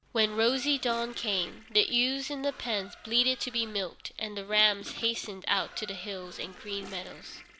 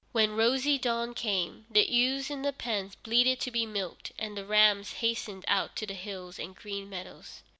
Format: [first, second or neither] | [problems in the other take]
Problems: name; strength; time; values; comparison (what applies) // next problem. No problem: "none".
second | background sound (Toilet flush / Gurgling + Squeak); 18 dB below the speech